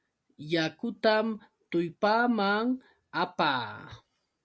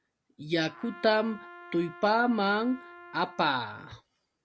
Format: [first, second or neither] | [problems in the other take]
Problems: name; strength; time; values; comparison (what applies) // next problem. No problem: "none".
first | background sound (Trumpet); 19 dB below the speech